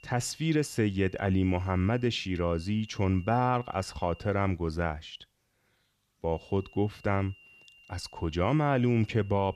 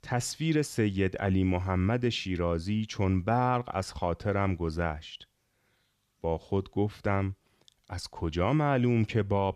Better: second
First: high-pitched whine; faint; until 4.5 s and from 6.5 s on; 3 kHz, 25 dB below the speech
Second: none

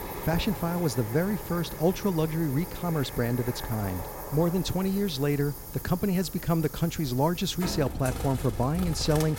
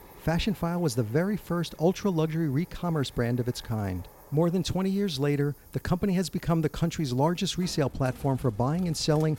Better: second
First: animal sounds; loud; throughout; 9 dB below the speech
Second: animal sounds; faint; throughout; 25 dB below the speech

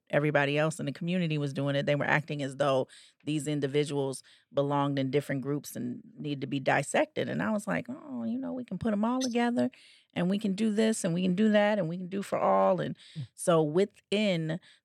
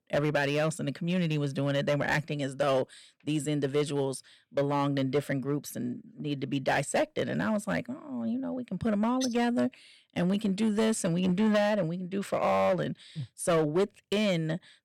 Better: first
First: none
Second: distortion; slight; 5% of the sound clipped

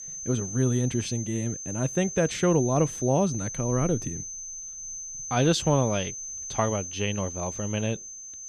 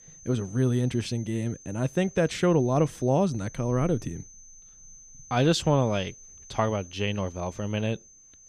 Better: second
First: high-pitched whine; loud; throughout; 6 kHz, 7 dB below the speech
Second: high-pitched whine; faint; throughout; 6 kHz, 20 dB below the speech

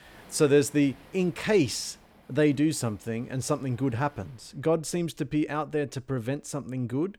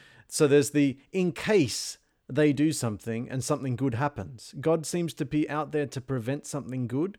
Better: second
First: rain or running water; faint; throughout; 25 dB below the speech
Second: none

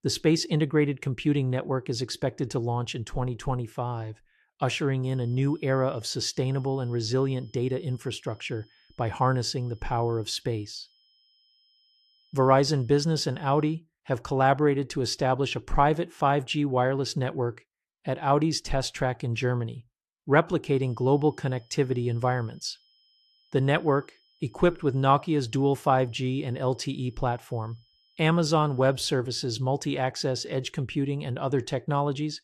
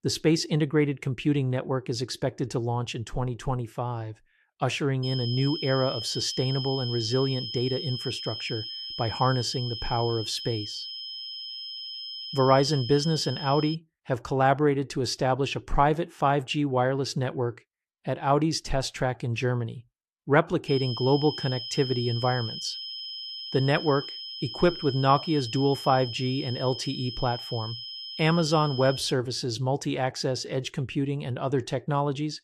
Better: first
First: high-pitched whine; faint; from 5 to 14 s and from 21 to 29 s; 5 kHz, 35 dB below the speech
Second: high-pitched whine; loud; from 5 to 14 s and from 21 to 29 s; 5 kHz, 7 dB below the speech

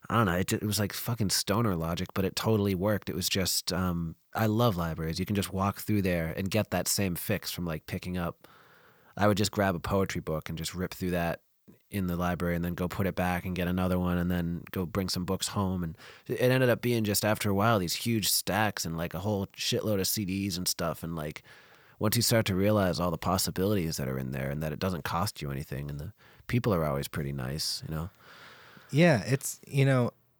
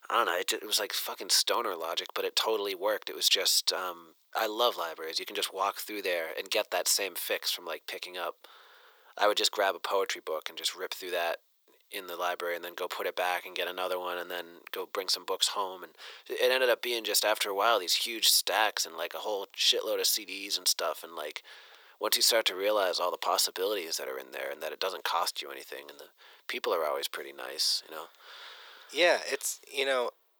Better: first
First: none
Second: thin; very; fading below 400 Hz

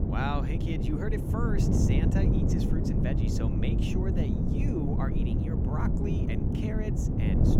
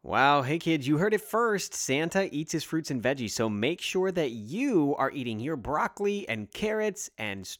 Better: second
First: wind noise on the microphone; heavy; 2 dB above the speech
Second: none

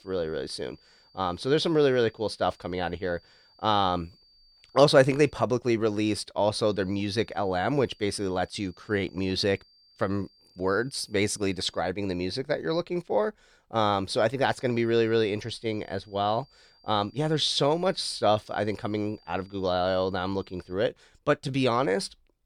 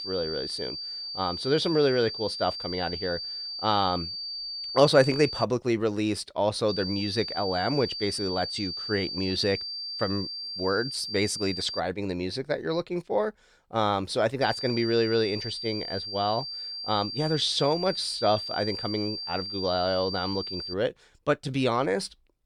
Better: first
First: high-pitched whine; faint; until 5.5 s, from 6.5 to 12 s and from 14 to 21 s; 4.5 kHz, 30 dB below the speech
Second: high-pitched whine; loud; until 5.5 s, from 6.5 to 12 s and from 14 to 21 s; 4.5 kHz, 5 dB below the speech

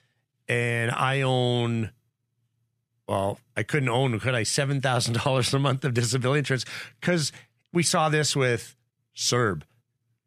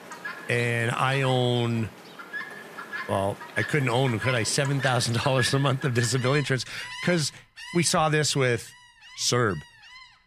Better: first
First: none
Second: animal sounds; noticeable; throughout; 10 dB below the speech

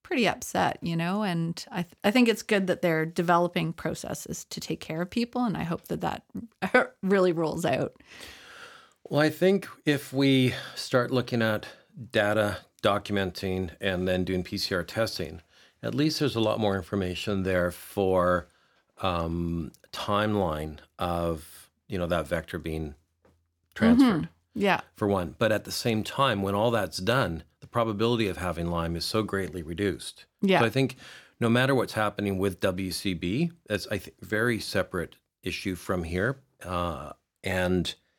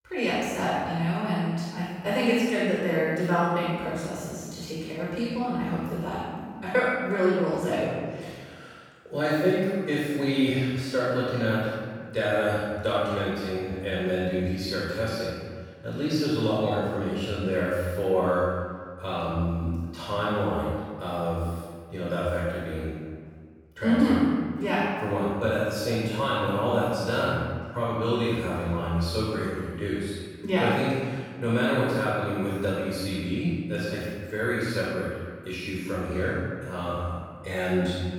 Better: first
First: none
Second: off-mic speech; far // room echo; strong; dies away in 1.5 s

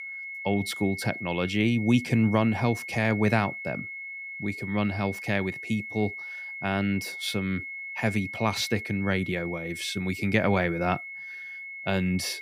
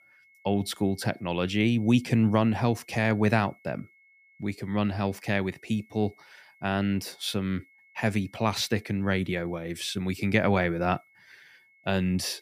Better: second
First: high-pitched whine; loud; throughout; 2 kHz, 8 dB below the speech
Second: high-pitched whine; faint; throughout; 2 kHz, 30 dB below the speech

